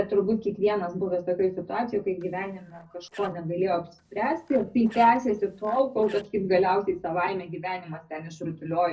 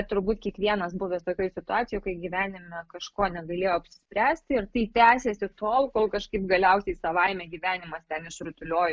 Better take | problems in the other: second | noise reduction (neural separator model SepFormer DNS4)

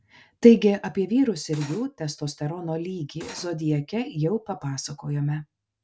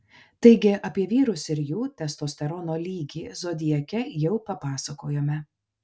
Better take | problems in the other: second | background sound (Cutlery, silverware); 17 dB below the speech

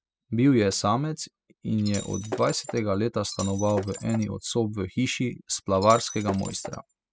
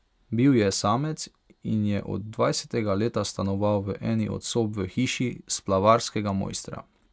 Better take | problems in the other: second | noise reduction (classical method spectral subtraction)

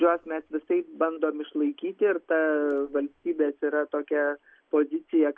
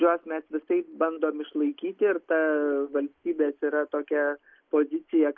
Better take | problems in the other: first | noise reduction (neural mask model Resemble Enhance denoiser)

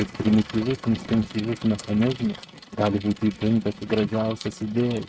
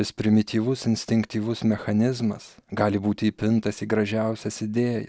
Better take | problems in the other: second | noise reduction (neural mask model RNNoise)

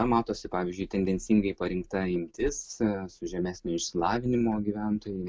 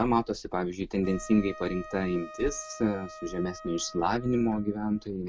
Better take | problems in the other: first | background sound (Wind instrument, woodwind instrument); 17 dB below the speech

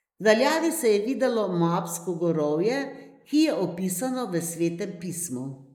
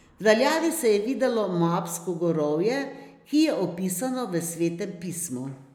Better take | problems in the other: second | noise reduction (neural mask model Resemble Enhance denoiser)

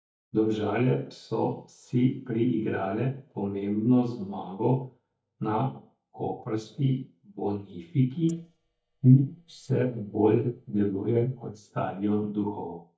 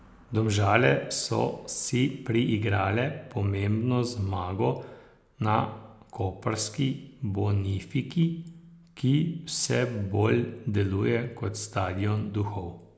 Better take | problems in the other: second | noise reduction (neural mask model DeepFilterNet 3)

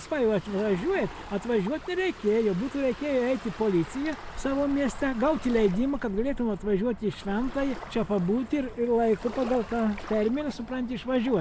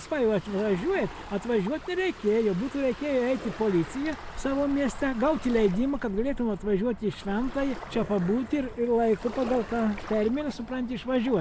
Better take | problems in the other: first | background sound (Growling); 18 dB below the speech

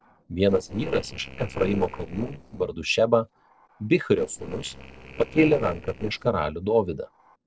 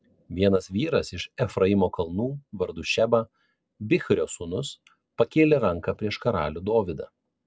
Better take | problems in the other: second | noise reduction (neural separator model SepFormer DNS4)

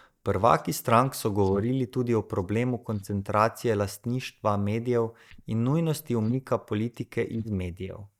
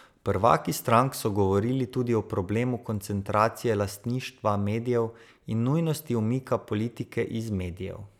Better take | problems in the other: second | noise reduction (neural mask model DeepFilterNet 3)

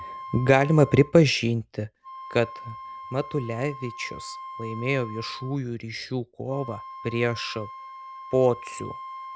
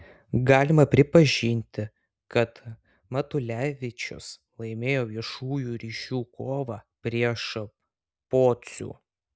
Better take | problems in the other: second | background sound (Wind instrument, woodwind instrument); 14 dB below the speech

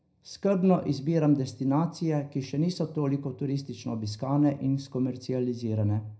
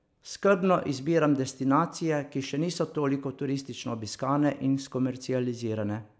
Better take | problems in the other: second | room echo; dies away in 0.4 s

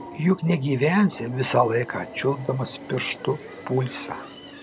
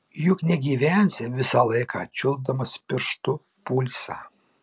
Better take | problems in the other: second | background sound (Subway, metro, underground); 16 dB below the speech

